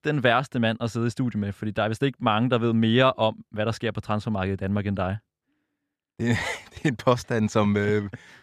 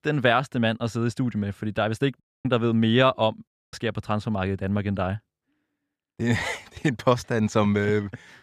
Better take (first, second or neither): first